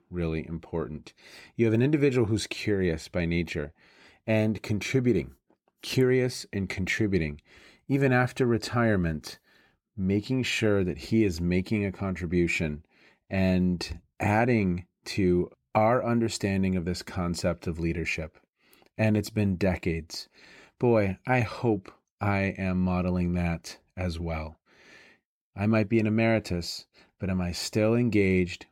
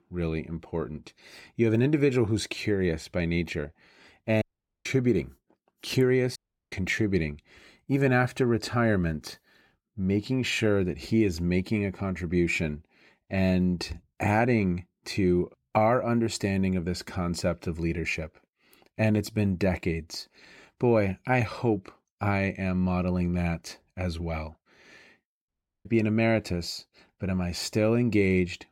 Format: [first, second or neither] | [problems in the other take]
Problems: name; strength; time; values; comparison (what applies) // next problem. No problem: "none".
first | audio cutting out; at 4.5 s, at 6.5 s and at 25 s